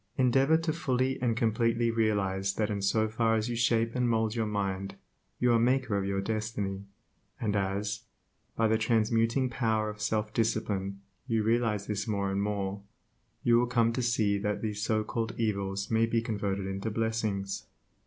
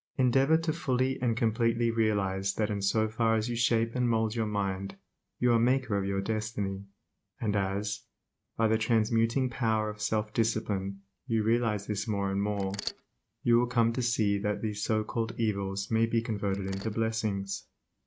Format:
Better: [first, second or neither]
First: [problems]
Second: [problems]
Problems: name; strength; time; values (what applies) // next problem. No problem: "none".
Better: first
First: none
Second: noise reduction (neural mask model RNNoise)